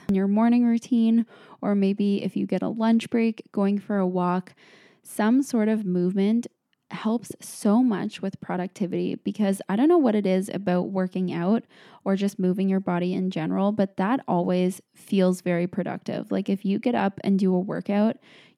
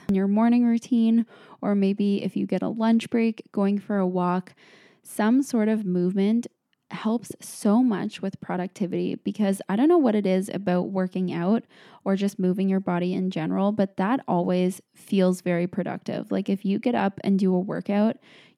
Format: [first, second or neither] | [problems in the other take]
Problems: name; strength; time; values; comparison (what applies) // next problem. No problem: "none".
neither | none